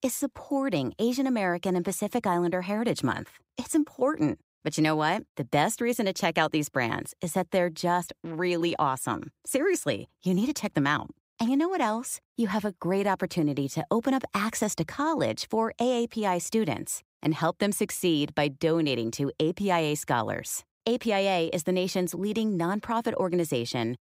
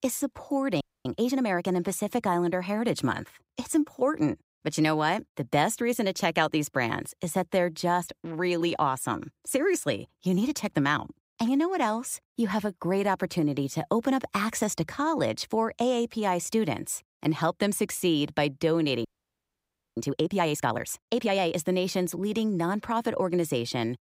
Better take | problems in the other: first | audio freezing; at 1 s and at 19 s for 1 s

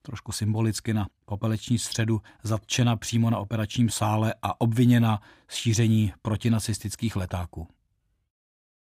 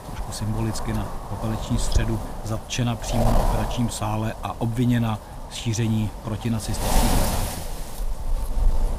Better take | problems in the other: first | wind noise on the microphone; heavy; as loud as the speech

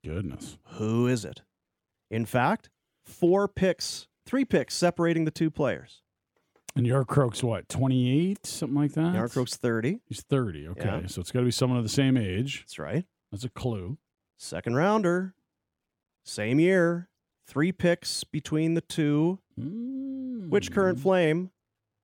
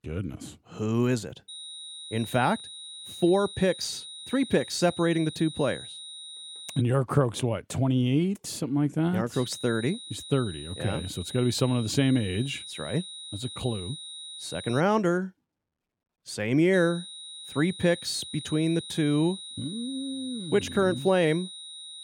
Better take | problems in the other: first | high-pitched whine; noticeable; from 1.5 to 7 s, from 9.5 to 15 s and from 17 s on; 4 kHz, 10 dB below the speech

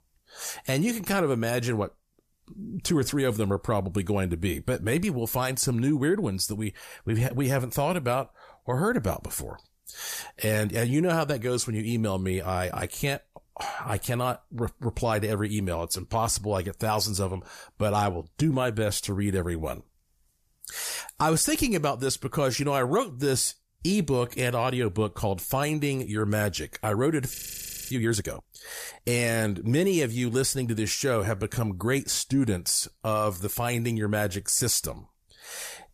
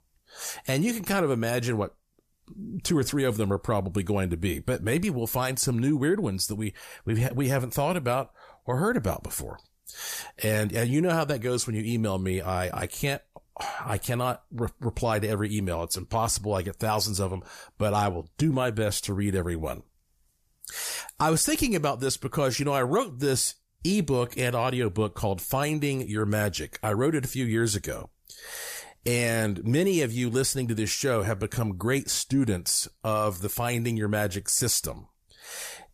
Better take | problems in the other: second | audio freezing; at 27 s for 0.5 s

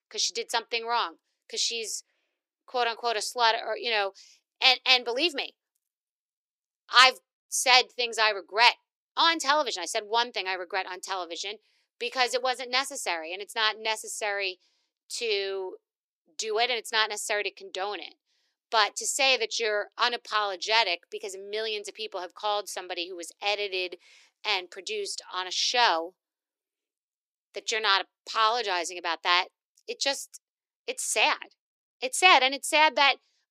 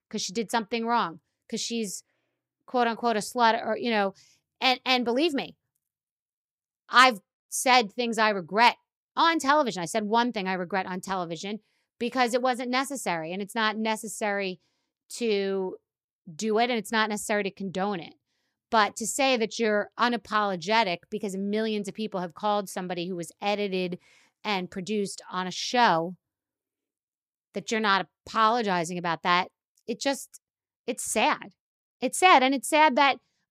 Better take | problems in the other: second | thin; very; fading below 350 Hz

